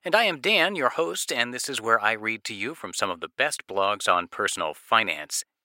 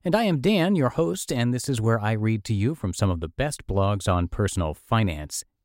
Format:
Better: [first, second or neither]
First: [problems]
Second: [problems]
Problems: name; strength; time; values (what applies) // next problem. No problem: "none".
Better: second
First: thin; very; fading below 550 Hz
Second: none